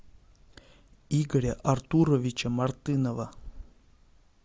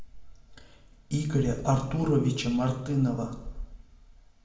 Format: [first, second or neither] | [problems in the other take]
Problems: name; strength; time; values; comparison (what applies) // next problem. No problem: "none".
first | room echo; dies away in 0.8 s